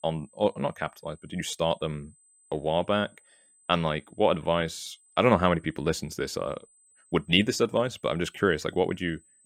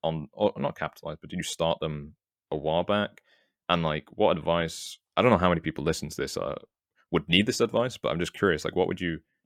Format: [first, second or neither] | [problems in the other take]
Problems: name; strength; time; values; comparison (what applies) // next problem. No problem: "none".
second | high-pitched whine; faint; throughout; 8 kHz, 30 dB below the speech